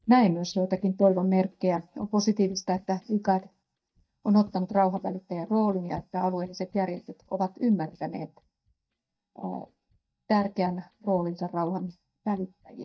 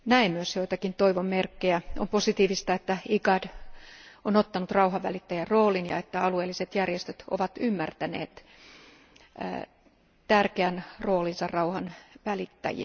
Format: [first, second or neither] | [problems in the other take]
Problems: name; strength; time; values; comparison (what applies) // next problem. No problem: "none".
second | noise reduction (neural mask model DeepFilterNet 3)